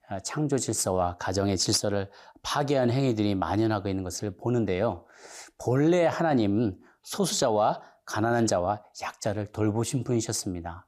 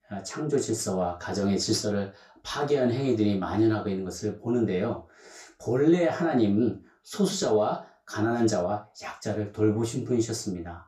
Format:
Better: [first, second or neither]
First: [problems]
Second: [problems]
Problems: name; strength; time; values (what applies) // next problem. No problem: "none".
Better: first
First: none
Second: room echo; slight; dies away in 0.3 s // off-mic speech; far